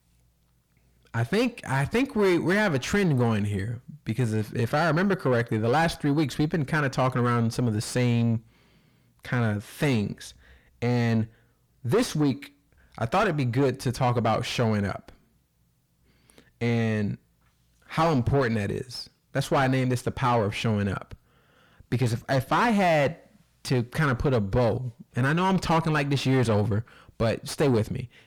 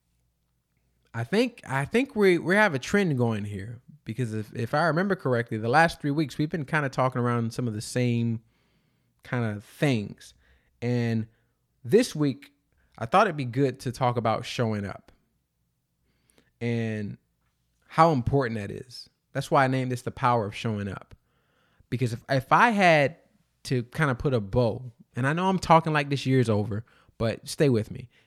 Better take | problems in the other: second | distortion; heavy; 6 dB below the speech

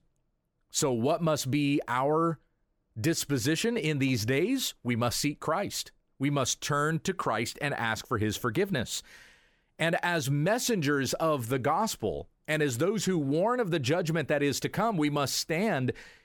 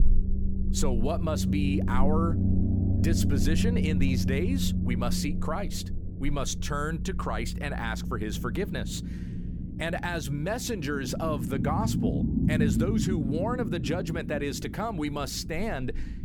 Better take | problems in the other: first | low rumble; loud; throughout; 6 dB below the speech

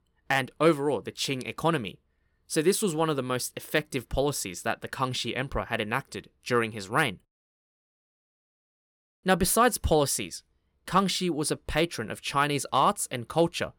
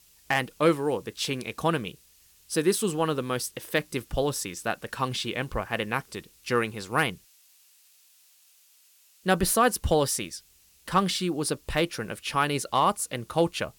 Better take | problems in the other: first | hiss; faint; throughout; 30 dB below the speech

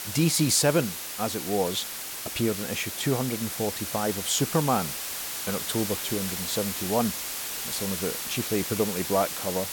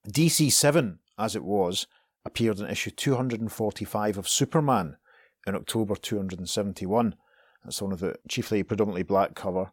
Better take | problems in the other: second | hiss; loud; throughout; 3 dB below the speech

